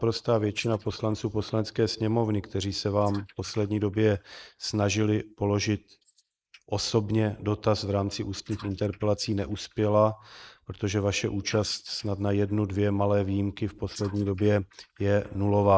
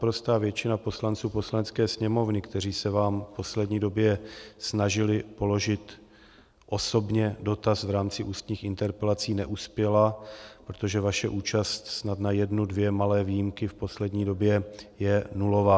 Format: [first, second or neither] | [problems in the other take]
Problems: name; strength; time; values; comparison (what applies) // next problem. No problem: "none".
second | noise reduction (neural mask model Resemble Enhance denoiser)